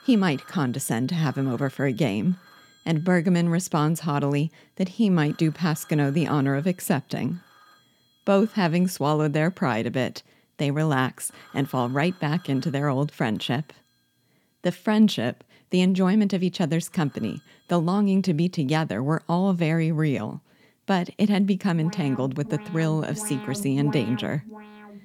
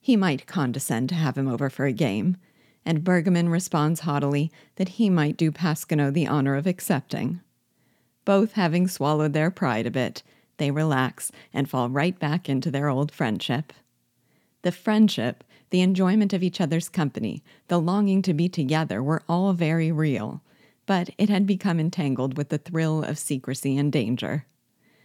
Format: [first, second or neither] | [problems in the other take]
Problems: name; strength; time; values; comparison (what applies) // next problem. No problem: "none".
second | alarms or sirens; noticeable; throughout; 20 dB below the speech